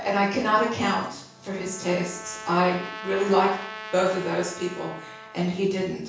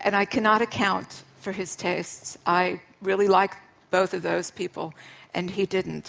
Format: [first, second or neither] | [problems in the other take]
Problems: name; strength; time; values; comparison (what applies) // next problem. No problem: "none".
second | background sound (Trumpet); 15 dB below the speech // room echo; dies away in 0.7 s